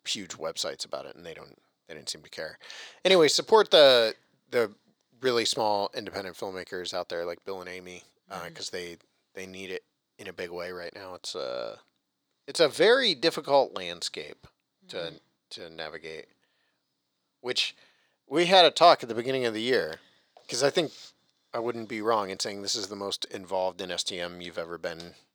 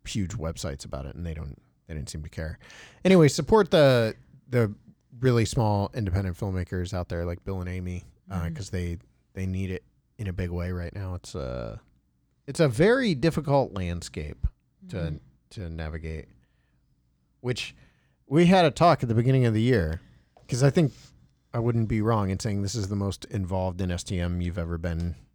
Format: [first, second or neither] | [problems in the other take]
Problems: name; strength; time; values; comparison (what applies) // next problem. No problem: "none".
second | thin; very; fading below 500 Hz